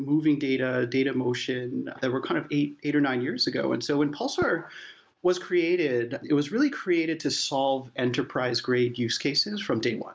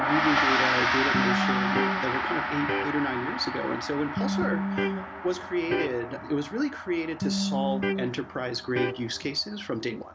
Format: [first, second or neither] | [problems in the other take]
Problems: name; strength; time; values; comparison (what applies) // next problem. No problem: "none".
first | background sound (Electric guitar + Gong); 2 dB above the speech